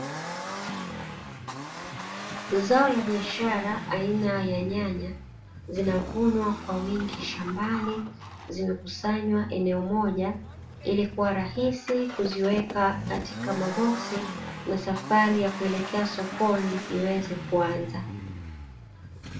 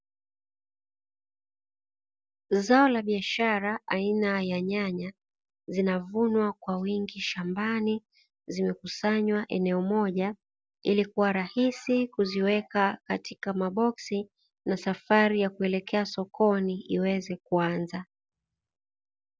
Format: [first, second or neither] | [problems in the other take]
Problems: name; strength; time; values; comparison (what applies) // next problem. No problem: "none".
second | background sound (Accelerating, revving, vroom); 9 dB below the speech // room echo; dies away in 0.3 s